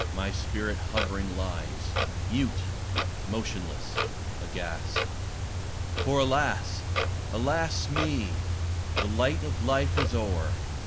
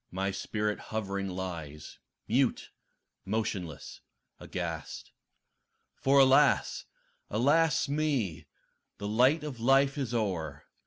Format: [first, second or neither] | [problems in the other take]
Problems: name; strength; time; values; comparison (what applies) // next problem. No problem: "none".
second | background sound (Clock); 2 dB above the speech